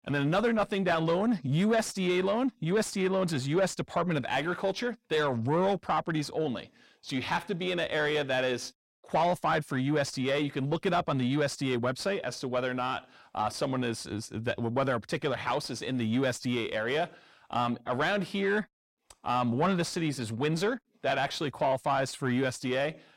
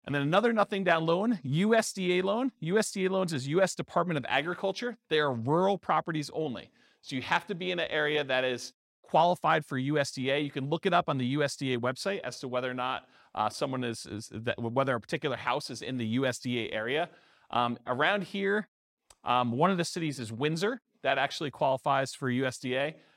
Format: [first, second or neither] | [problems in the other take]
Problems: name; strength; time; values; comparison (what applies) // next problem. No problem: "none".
second | distortion; slight; 10 dB below the speech